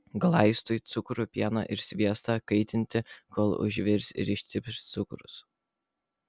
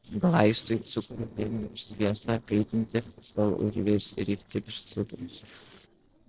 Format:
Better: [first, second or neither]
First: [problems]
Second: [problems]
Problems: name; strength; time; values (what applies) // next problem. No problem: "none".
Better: first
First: none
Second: noise reduction (neural separator model SepFormer DNS4)